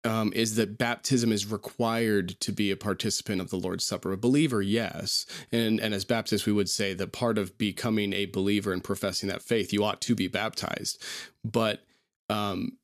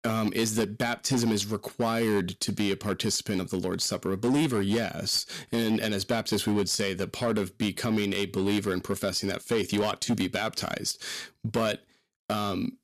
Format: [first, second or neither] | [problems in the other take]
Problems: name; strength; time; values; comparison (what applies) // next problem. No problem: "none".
first | distortion; slight; 7% of the sound clipped